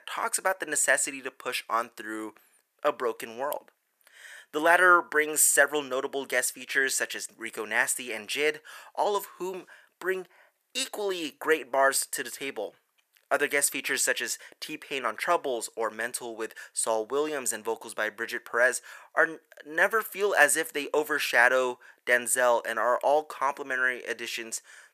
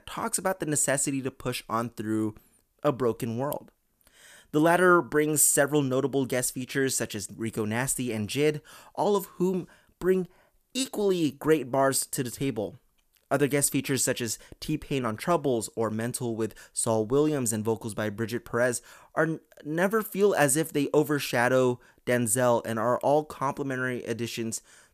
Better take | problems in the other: second | thin; very; fading below 600 Hz

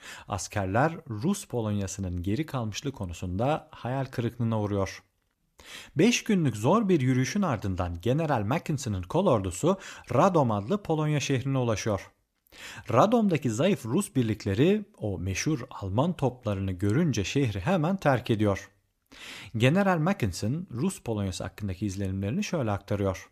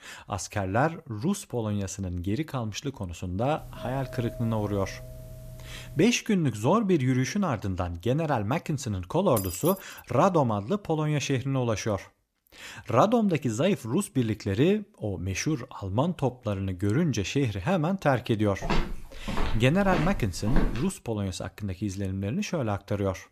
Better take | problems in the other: first | doorbell; faint; from 3.5 to 6 s; peak 15 dB below the speech // jangling keys; noticeable; at 9.5 s; peak 6 dB below the speech // footsteps; noticeable; from 19 to 21 s; peak 3 dB below the speech

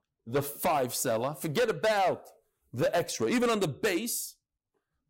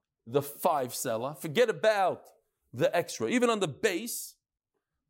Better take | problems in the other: second | distortion; heavy; 9% of the sound clipped

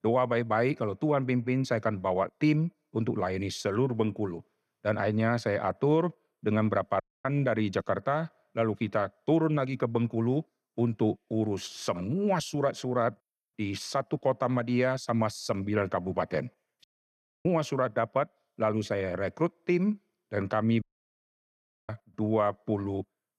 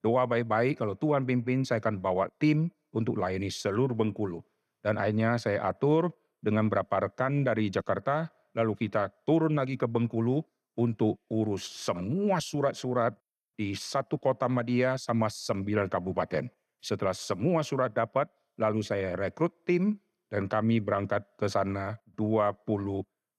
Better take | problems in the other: second | audio cutting out; at 7 s, at 17 s for 0.5 s and at 21 s for 1 s

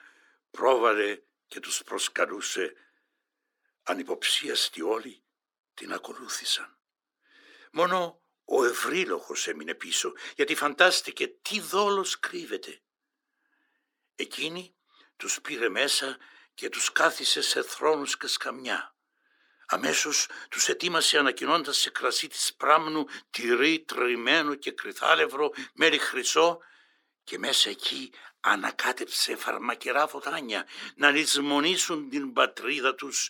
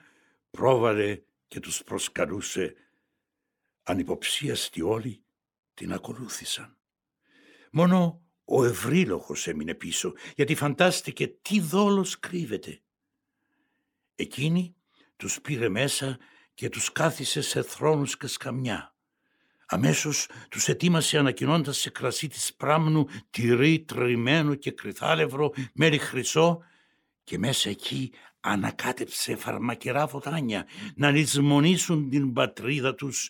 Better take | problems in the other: second | thin; somewhat; fading below 300 Hz

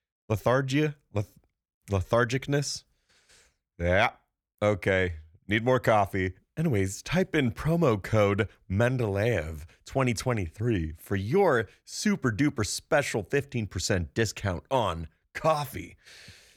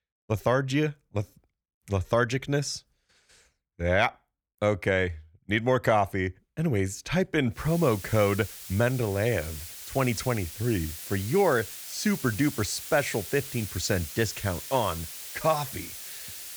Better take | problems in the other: first | hiss; loud; from 7.5 s on; 10 dB below the speech

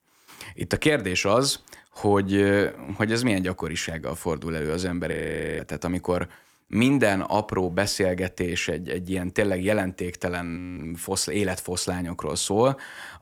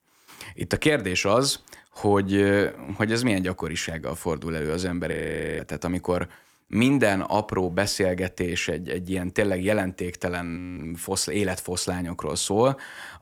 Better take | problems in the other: neither | audio freezing; at 5 s and at 11 s; the same in both

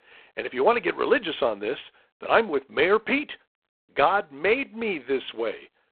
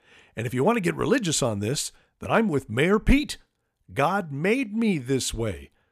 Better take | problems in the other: second | phone-call audio; poor line; nothing above 3.5 kHz

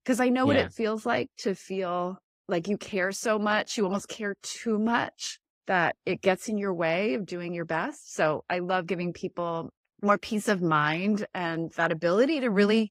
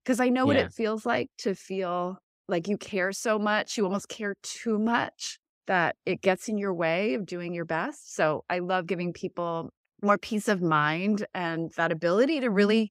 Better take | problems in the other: second | garbled, watery; slightly; nothing above 15.5 kHz

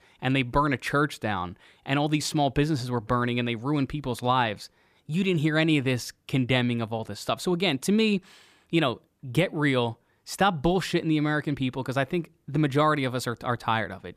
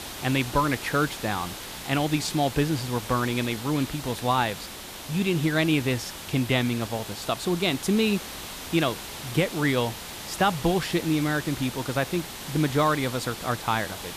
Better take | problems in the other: first | hiss; loud; throughout; 10 dB below the speech

